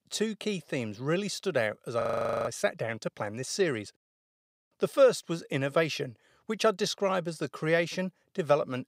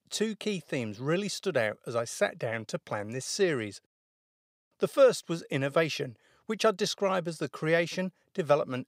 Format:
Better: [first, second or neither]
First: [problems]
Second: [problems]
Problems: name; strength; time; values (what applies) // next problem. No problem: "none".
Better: second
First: audio freezing; at 2 s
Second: none